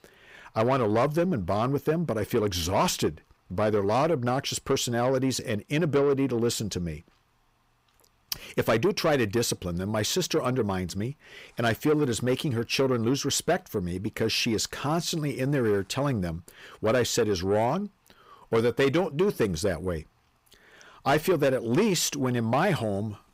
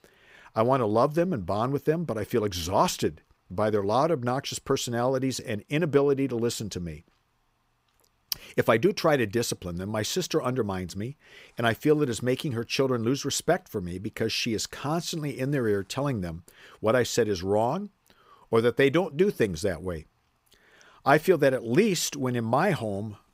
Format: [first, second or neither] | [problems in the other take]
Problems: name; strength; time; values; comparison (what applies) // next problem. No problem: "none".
second | distortion; slight; 10 dB below the speech